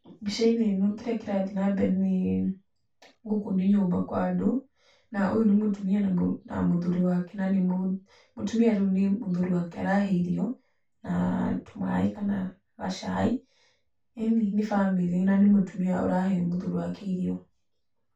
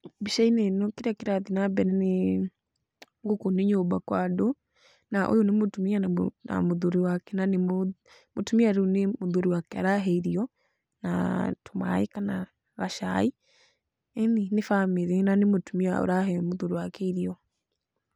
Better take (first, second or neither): second